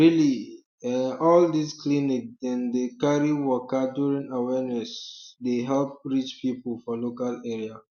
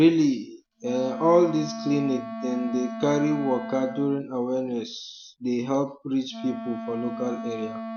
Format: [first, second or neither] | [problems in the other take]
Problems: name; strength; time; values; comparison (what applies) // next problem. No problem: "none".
first | background sound (Wind instrument, woodwind instrument); 11 dB below the speech